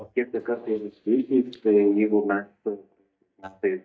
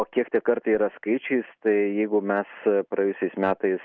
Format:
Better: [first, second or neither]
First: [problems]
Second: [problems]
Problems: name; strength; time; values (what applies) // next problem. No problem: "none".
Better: second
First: noise reduction (neural mask model DeepFilterNet 3)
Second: none